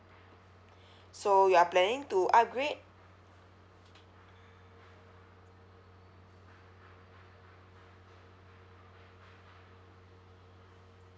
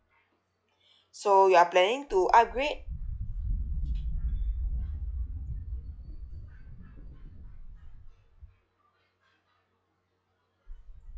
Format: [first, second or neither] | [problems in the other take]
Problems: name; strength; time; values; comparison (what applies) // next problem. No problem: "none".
first | noise reduction (classical method log-MMSE)